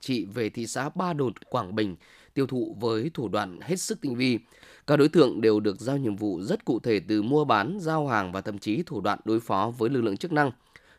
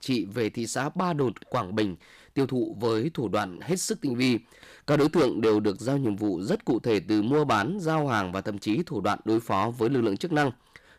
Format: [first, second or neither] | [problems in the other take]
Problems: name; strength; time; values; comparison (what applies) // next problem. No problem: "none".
first | distortion; slight; 5% of the sound clipped